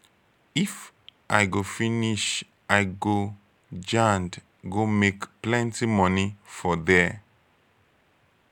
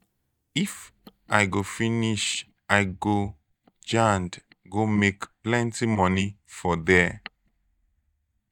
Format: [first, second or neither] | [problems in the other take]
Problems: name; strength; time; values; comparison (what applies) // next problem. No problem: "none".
first | noise reduction (neural mask model DeepFilterNet 3)